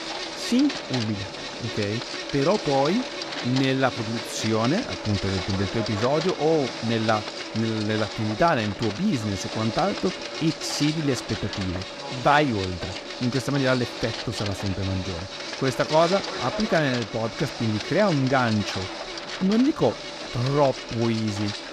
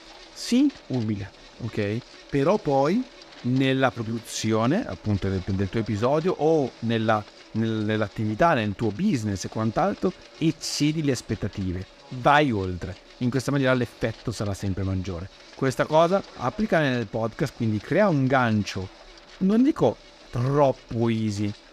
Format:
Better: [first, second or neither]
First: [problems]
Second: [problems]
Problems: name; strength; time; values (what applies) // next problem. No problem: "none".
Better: second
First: household noises; loud; throughout; 6 dB below the speech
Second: household noises; faint; throughout; 20 dB below the speech